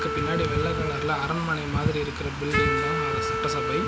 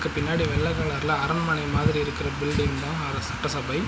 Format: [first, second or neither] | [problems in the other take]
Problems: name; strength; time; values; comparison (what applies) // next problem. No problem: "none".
second | background sound (Wind instrument, woodwind instrument); 2 dB below the speech